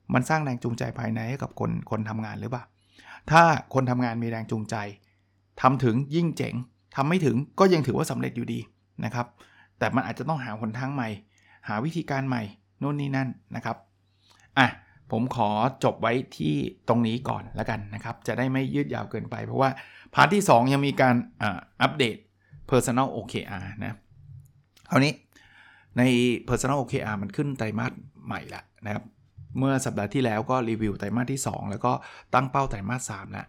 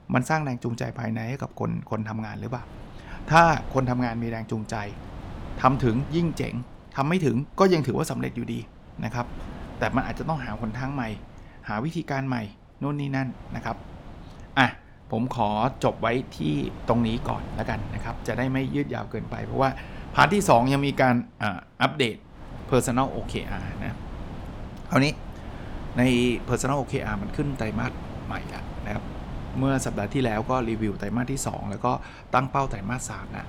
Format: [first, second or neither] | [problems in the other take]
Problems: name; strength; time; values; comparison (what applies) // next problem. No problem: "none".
first | wind noise on the microphone; occasional gusts; 20 dB below the speech